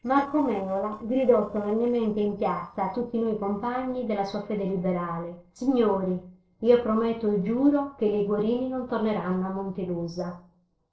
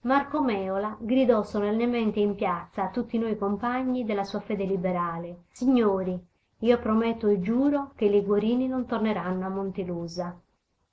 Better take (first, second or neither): second